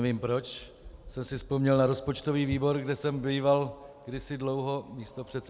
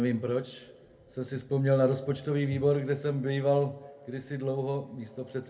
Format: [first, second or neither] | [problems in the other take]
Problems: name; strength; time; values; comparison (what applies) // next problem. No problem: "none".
first | room echo; dies away in 0.3 s